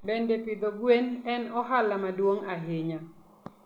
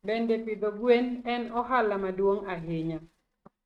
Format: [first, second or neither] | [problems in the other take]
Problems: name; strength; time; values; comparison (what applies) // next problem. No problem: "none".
first | noise reduction (neural mask model RNNoise)